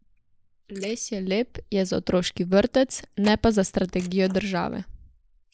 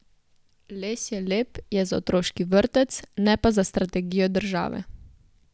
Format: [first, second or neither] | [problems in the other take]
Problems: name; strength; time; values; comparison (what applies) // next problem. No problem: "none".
second | noise reduction (neural mask model Resemble Enhance denoiser)